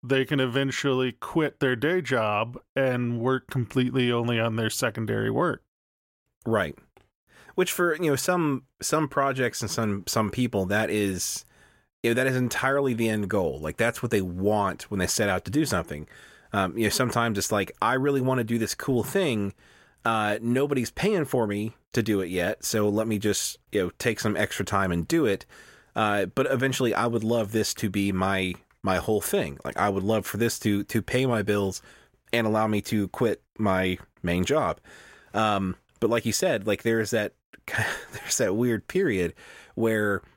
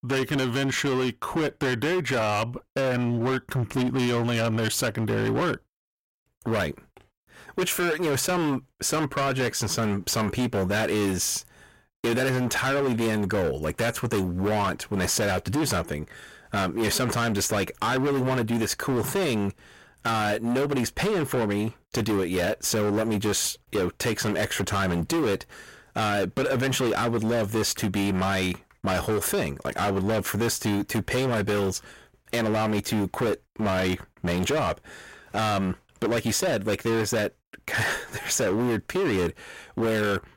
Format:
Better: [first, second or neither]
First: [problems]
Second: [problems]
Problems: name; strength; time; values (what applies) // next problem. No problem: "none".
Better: first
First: none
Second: distortion; heavy; 25% of the sound clipped